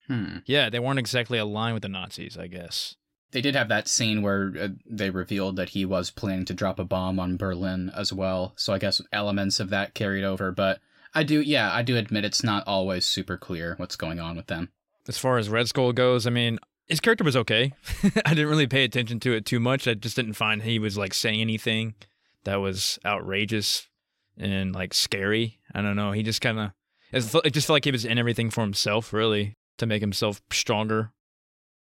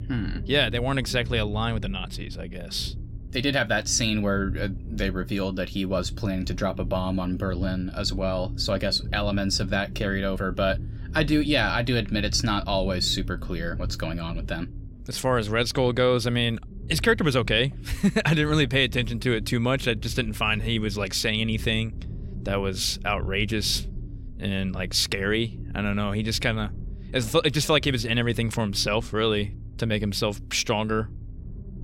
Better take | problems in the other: first | low rumble; faint; throughout; 25 dB below the speech

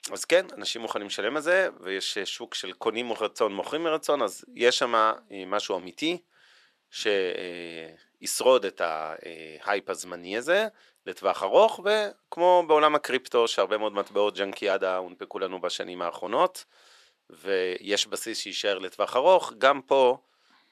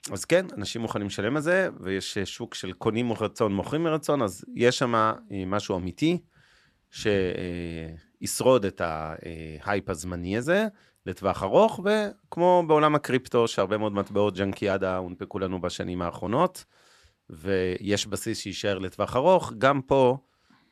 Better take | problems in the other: second | thin; somewhat; fading below 500 Hz

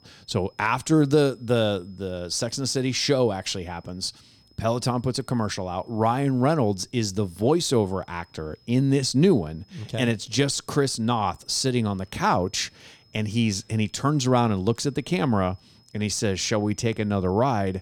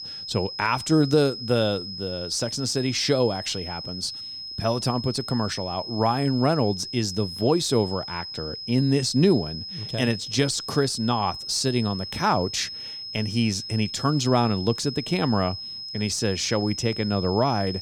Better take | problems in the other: first | high-pitched whine; loud; throughout; 5 kHz, 8 dB below the speech; faint in the first

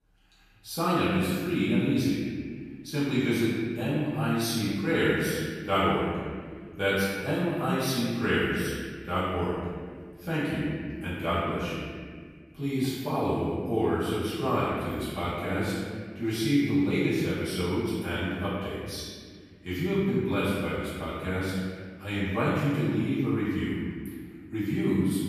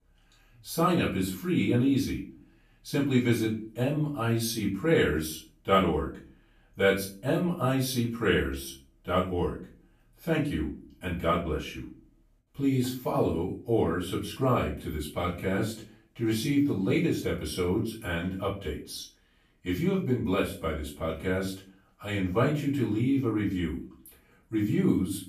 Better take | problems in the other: second | room echo; strong; dies away in 1.9 s; slight in the second // off-mic speech; far; far in the second

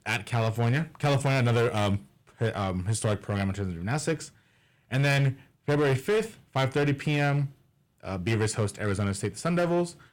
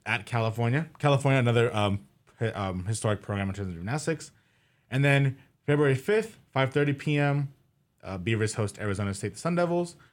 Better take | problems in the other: second | distortion; slight; 10% of the sound clipped

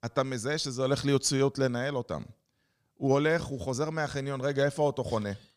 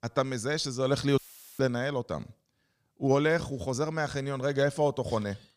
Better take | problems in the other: first | audio cutting out; filled with static; at 1 s

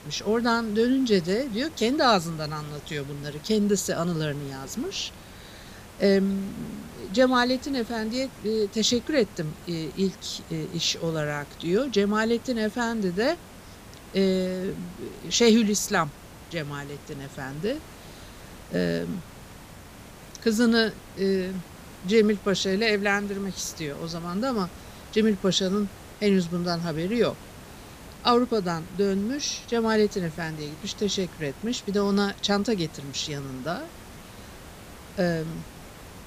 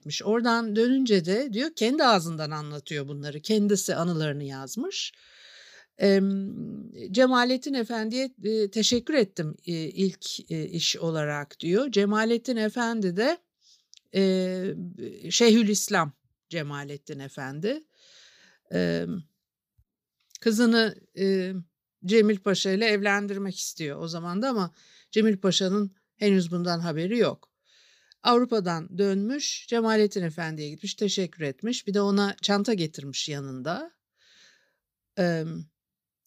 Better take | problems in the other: second | hiss; noticeable; throughout; 20 dB below the speech

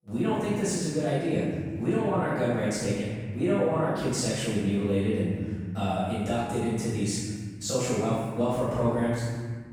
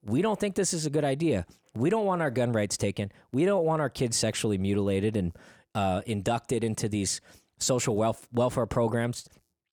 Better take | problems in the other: second | off-mic speech; far // room echo; strong; dies away in 1.7 s

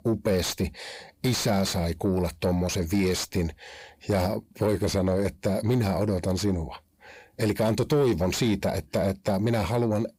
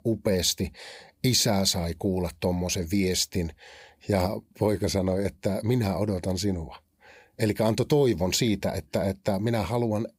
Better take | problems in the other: second | distortion; slight; 10 dB below the speech

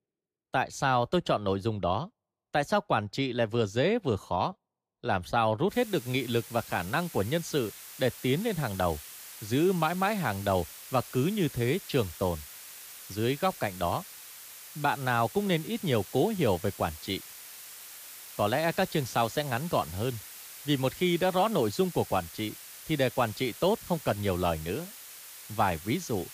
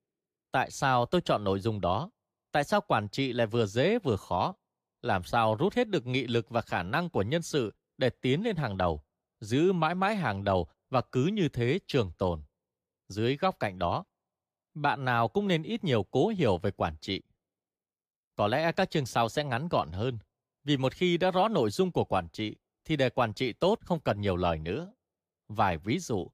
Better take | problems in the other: second | hiss; noticeable; from 5.5 s on; 15 dB below the speech

